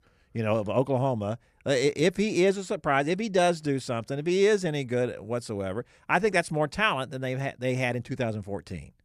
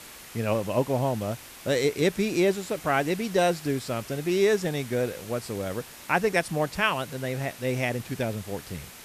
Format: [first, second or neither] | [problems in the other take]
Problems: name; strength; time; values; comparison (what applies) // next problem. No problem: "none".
first | hiss; noticeable; throughout; 15 dB below the speech